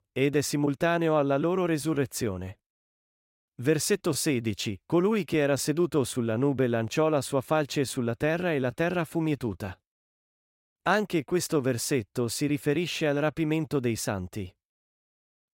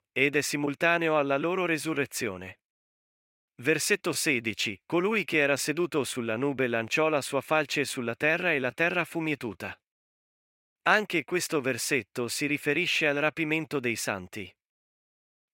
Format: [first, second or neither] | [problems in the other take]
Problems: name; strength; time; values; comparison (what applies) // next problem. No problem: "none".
first | thin; very slightly; fading below 550 Hz